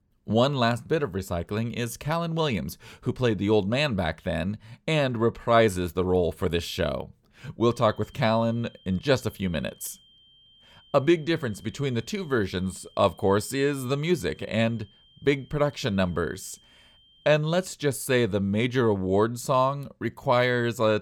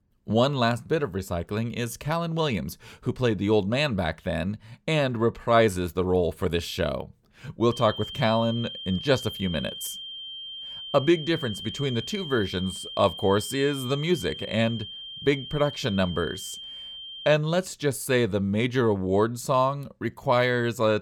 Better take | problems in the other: first | high-pitched whine; loud; from 7.5 to 17 s; 3 kHz, 10 dB below the speech; faint in the first

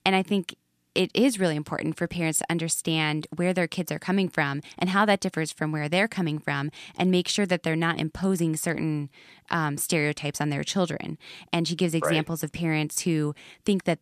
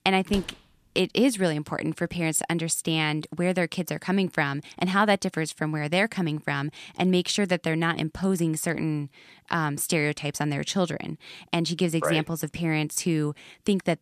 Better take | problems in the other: first | door banging; faint; at 0.5 s; peak 15 dB below the speech

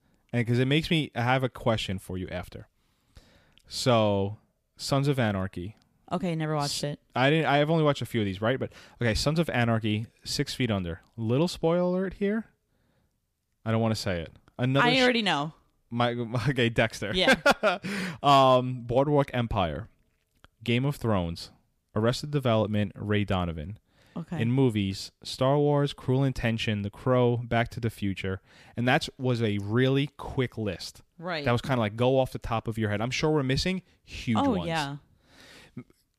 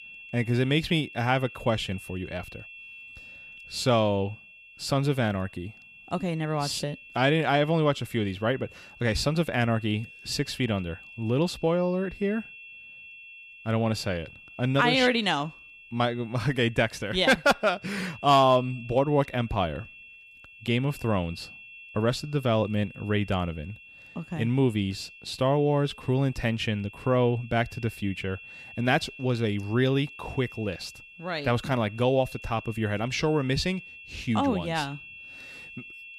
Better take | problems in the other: first | high-pitched whine; noticeable; throughout; 2.5 kHz, 20 dB below the speech

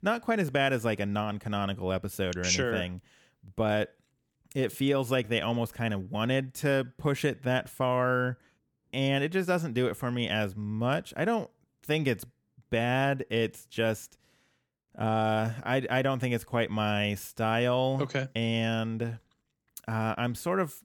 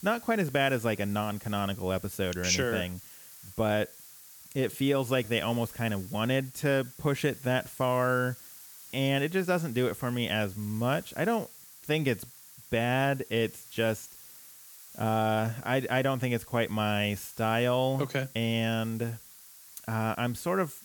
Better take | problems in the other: first | hiss; noticeable; throughout; 15 dB below the speech

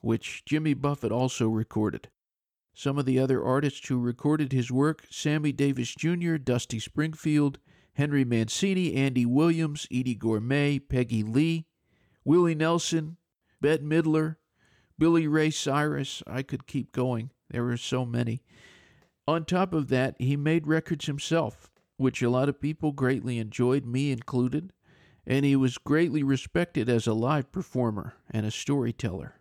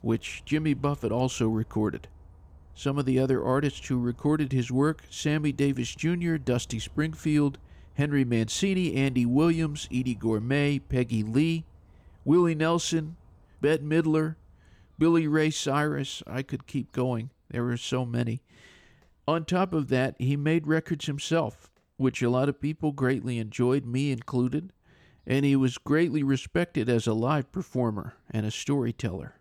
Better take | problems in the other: first | animal sounds; faint; throughout; 25 dB below the speech

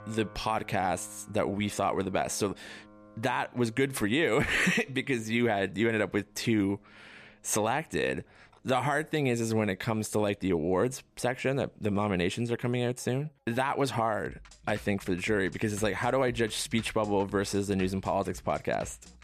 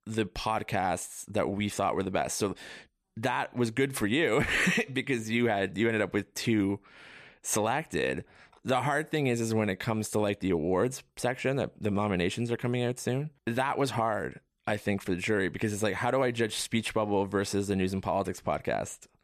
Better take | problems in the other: second | background music; faint; throughout; 25 dB below the speech

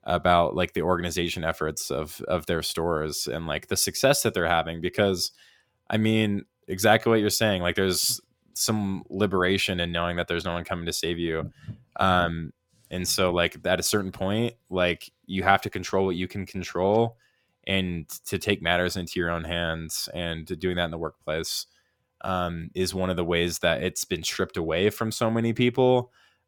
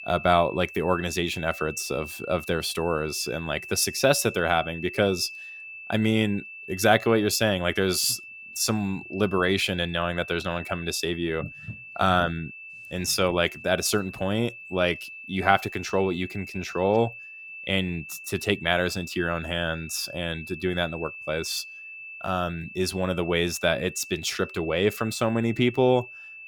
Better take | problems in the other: first | high-pitched whine; noticeable; throughout; 2.5 kHz, 15 dB below the speech

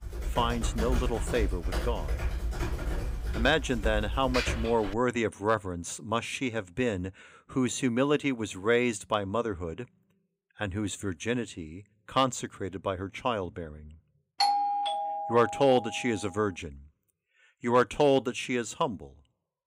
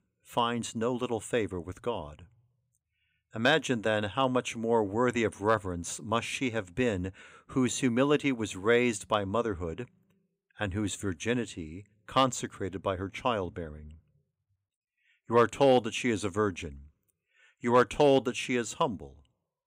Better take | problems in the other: second | keyboard typing; noticeable; until 5 s; peak 2 dB below the speech // doorbell; loud; from 14 to 16 s; peak 3 dB above the speech

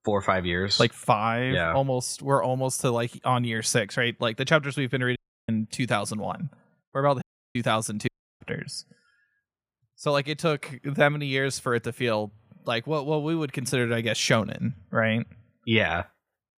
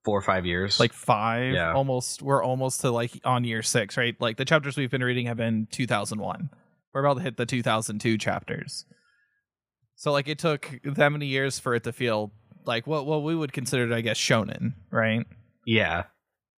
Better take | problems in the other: second | audio cutting out; at 5 s, at 7 s and at 8 s

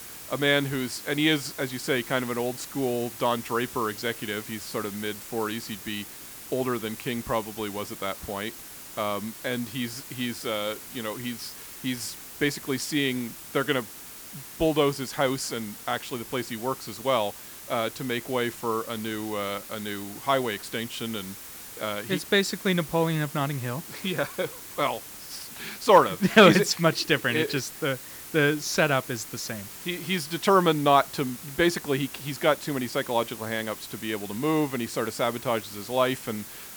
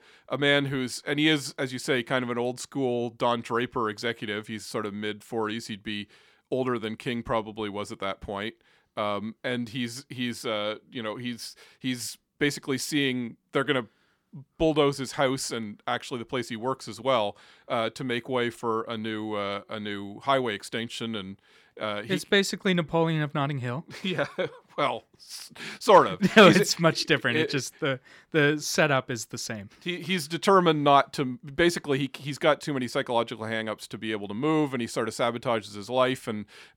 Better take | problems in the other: second | hiss; noticeable; throughout; 10 dB below the speech

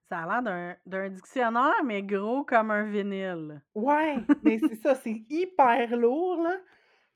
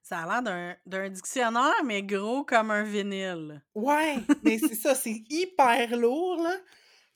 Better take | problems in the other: second | muffled; very; fading above 3.5 kHz

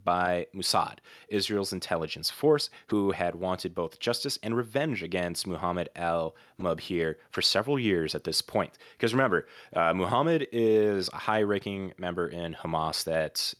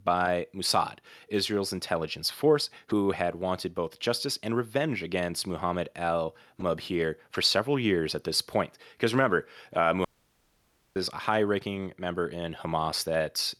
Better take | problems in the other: first | audio cutting out; at 10 s for 1 s

